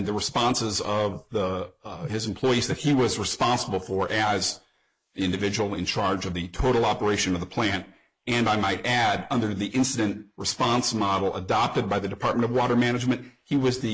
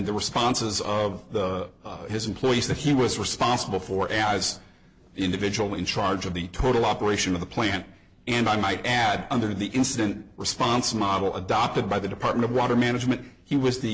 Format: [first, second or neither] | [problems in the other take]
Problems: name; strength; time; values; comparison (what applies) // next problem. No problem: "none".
second | noise reduction (neural mask model Resemble Enhance denoiser)